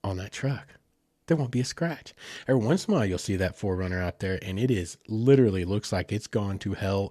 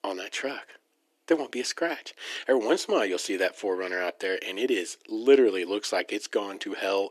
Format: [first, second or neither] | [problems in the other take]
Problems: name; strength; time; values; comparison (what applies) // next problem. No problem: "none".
first | thin; somewhat; fading below 300 Hz